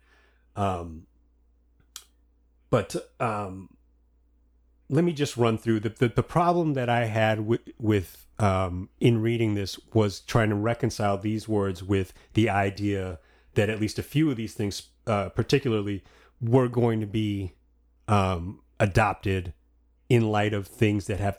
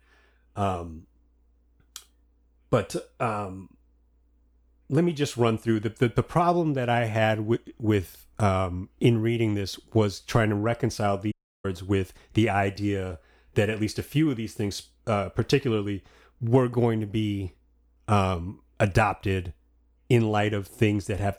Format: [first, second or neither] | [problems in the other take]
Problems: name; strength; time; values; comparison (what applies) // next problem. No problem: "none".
first | audio cutting out; at 11 s